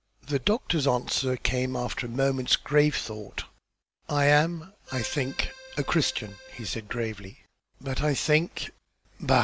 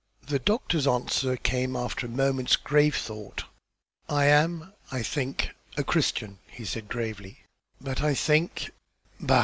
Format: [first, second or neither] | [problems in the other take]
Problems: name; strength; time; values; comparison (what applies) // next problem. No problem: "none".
second | background sound (Accordion); 16 dB below the speech